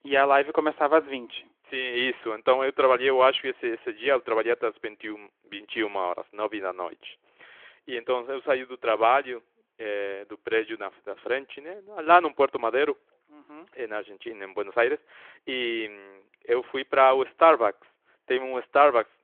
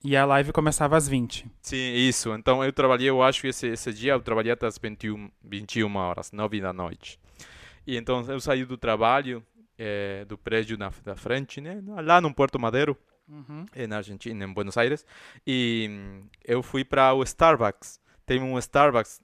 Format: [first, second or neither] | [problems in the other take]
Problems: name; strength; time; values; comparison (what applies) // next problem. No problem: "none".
second | phone-call audio; nothing above 3.5 kHz